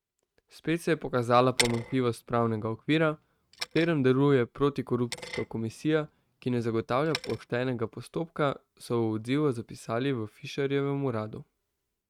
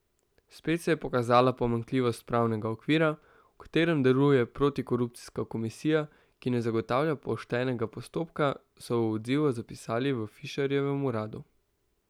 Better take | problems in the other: second | noise reduction (neural mask model RNNoise)

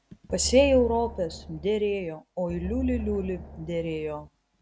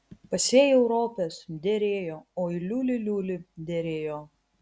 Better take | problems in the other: second | background sound (Drum); 11 dB below the speech

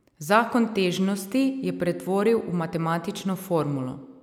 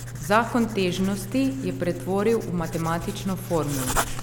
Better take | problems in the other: first | background sound (Writing); 7 dB below the speech

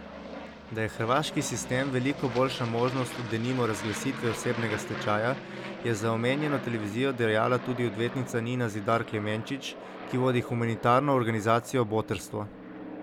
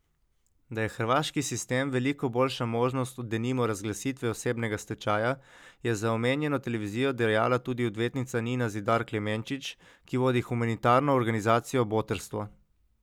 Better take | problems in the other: second | background sound (Aircraft); 11 dB below the speech

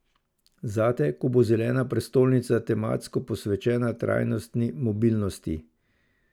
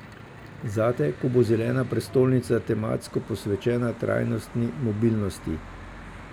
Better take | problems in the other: first | background sound (Church bell / Traffic noise, roadway noise); 16 dB below the speech

